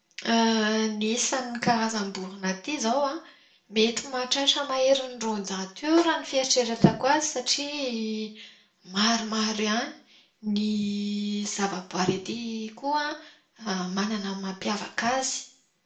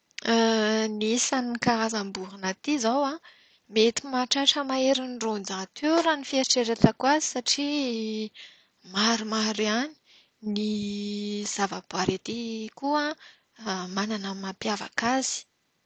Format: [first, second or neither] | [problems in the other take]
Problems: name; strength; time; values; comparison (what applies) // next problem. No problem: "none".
second | room echo; dies away in 0.4 s